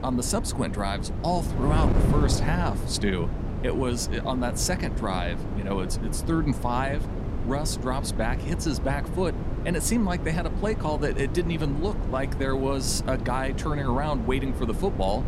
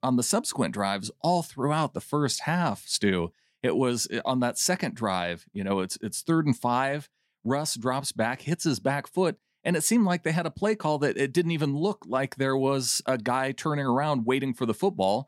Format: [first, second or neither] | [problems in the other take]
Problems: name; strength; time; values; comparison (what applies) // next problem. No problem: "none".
second | wind noise on the microphone; heavy; 8 dB below the speech